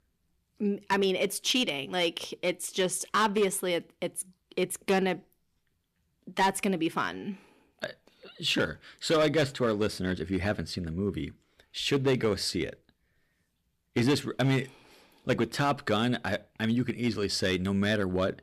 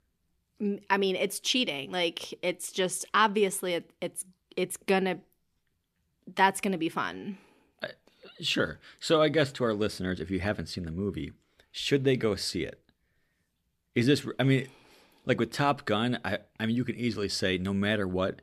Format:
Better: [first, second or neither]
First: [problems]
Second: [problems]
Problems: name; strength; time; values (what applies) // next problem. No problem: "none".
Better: second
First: distortion; slight; 3% of the sound clipped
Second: none